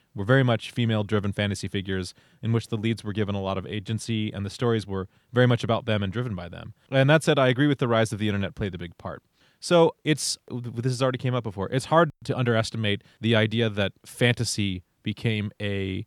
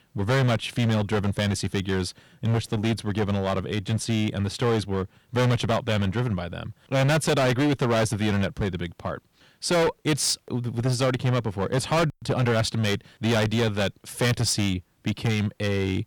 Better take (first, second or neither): first